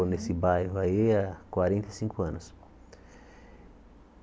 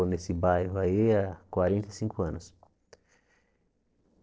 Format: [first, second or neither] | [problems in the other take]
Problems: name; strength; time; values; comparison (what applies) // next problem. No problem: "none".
first | noise reduction (neural separator model SepFormer DNS4)